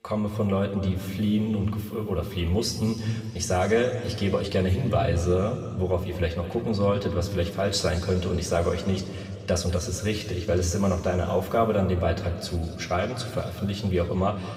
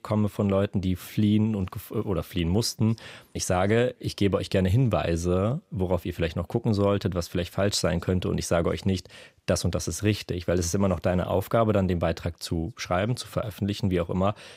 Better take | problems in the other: second | room echo; noticeable; dies away in 2.1 s // off-mic speech; somewhat distant

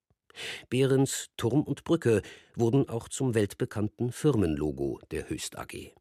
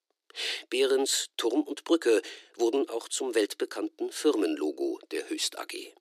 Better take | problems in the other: first | thin; somewhat; fading below 300 Hz

